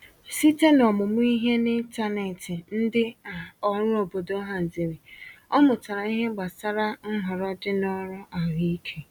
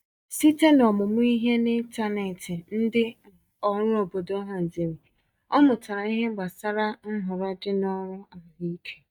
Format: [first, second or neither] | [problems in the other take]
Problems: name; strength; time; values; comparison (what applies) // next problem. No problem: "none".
first | noise reduction (neural mask model DeepFilterNet 3)